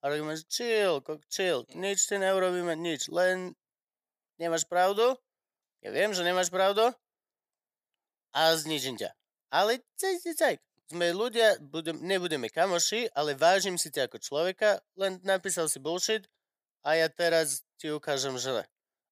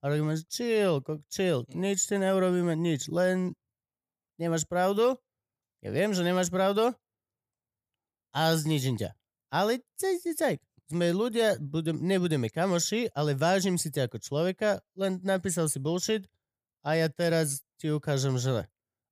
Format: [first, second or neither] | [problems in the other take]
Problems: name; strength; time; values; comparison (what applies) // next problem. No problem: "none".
second | thin; somewhat; fading below 400 Hz